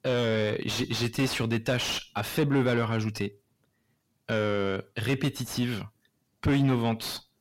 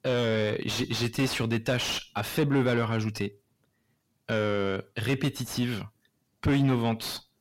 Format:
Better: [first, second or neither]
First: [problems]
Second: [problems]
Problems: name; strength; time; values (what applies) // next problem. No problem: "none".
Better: neither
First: distortion; heavy; 7 dB below the speech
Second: distortion; heavy; 7 dB below the speech